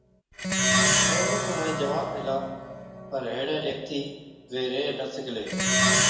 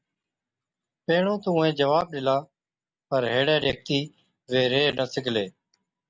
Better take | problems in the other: second | background sound (Plucked string instrument); 5 dB above the speech // room echo; dies away in 1 s

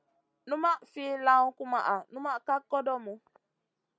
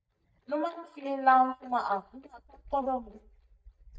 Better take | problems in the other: first | noise reduction (neural mask model DeepFilterNet 3)

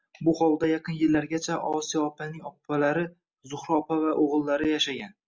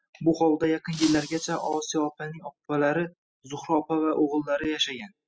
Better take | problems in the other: first | noise reduction (classical method spectral subtraction)

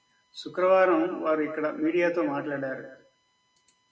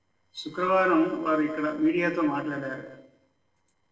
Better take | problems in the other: first | noise reduction (neural separator model SepFormer DNS4)

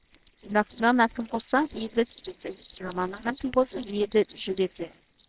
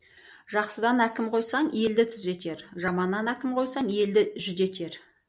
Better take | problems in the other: second | noise reduction (neural separator model SepFormer WHAMR!)

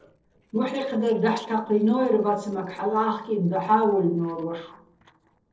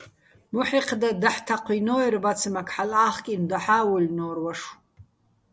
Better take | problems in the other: second | noise reduction (neural separator model SepFormer DNS4)

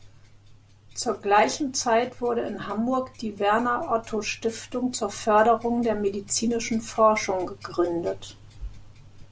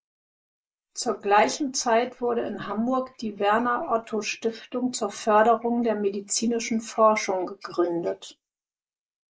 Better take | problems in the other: first | noise reduction (neural mask model Resemble Enhance denoiser)

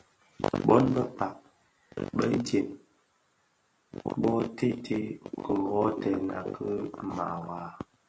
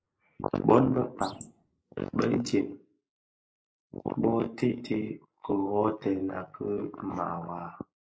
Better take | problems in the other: first | noise reduction (neural mask model Resemble Enhance denoiser)

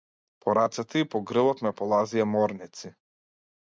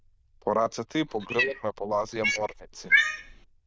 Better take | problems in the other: first | noise reduction (neural diffusion model UNIVERSE++)

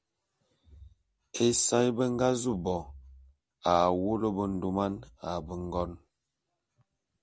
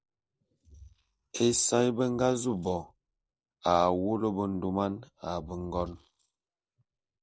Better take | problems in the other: first | noise reduction (neural mask model Resemble Enhance denoiser)

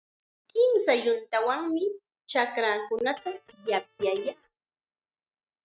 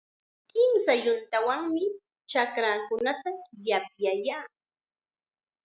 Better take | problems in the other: second | noise reduction (neural mask model RNNoise)

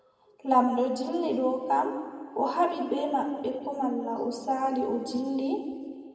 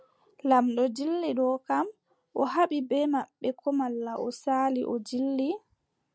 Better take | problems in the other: second | room echo; dies away in 1.8 s

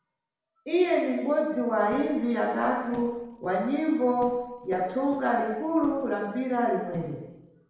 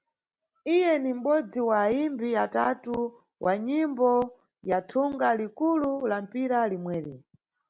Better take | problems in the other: second | room echo; dies away in 1 s

